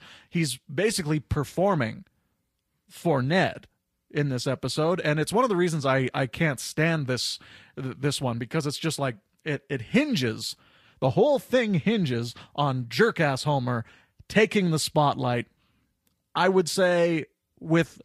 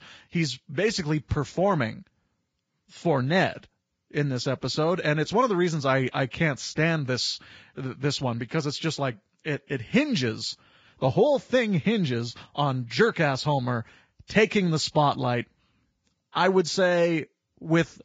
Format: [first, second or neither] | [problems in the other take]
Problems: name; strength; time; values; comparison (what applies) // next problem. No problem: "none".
first | garbled, watery; badly; nothing above 7.5 kHz; slightly in the first